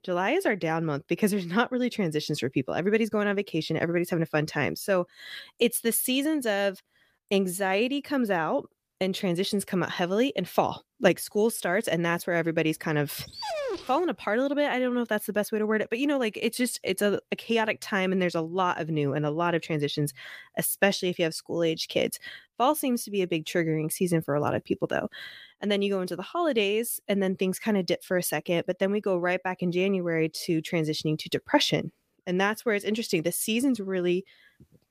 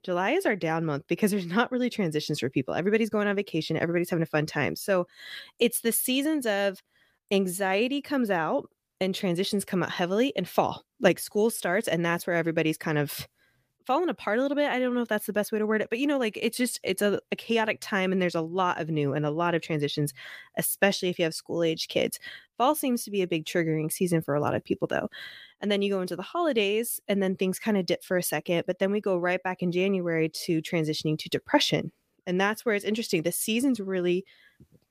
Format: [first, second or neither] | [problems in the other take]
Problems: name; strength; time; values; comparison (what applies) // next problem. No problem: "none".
second | dog barking; noticeable; at 13 s; peak 4 dB below the speech